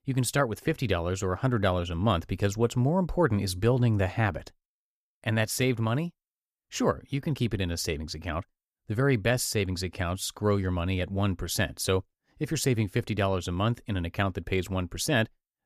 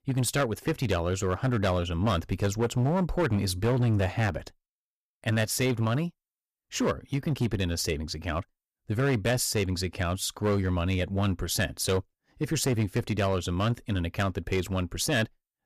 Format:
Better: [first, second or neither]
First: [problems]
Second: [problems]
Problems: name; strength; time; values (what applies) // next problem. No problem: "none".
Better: first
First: none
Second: distortion; slight; 7% of the sound clipped